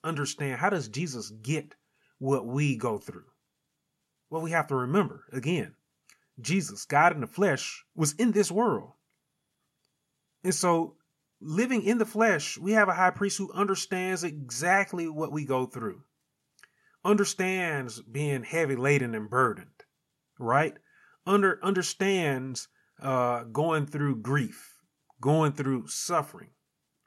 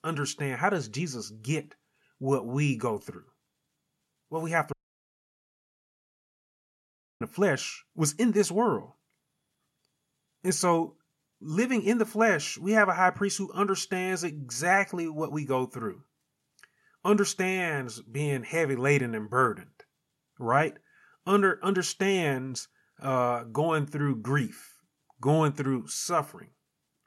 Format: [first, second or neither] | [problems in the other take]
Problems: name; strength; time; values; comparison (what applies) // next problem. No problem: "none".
first | audio cutting out; at 4.5 s for 2.5 s